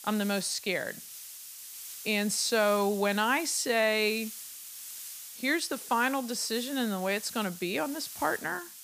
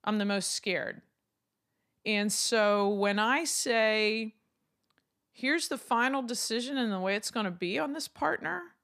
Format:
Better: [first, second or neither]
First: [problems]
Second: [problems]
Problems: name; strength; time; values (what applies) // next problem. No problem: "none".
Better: second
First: hiss; noticeable; throughout; 10 dB below the speech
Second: none